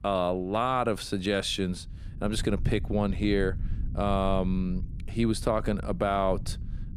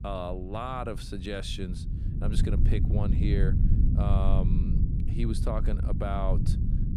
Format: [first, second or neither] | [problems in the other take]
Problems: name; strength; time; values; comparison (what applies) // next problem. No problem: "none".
first | low rumble; loud; throughout; 5 dB below the speech; faint in the first